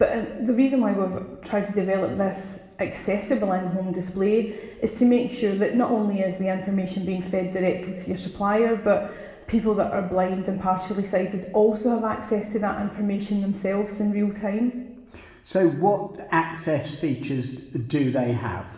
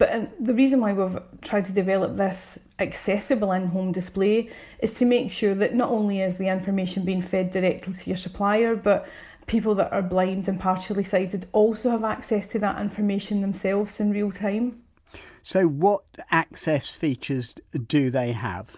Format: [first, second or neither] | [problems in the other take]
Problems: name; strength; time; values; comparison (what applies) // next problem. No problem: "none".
second | room echo; dies away in 1.2 s